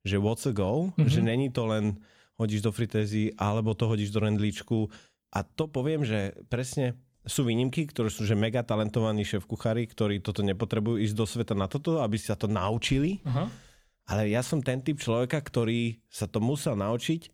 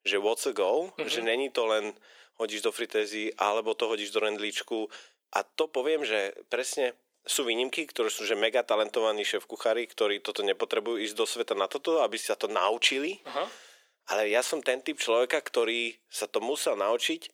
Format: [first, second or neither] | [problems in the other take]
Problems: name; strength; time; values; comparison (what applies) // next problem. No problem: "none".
first | thin; very; fading below 350 Hz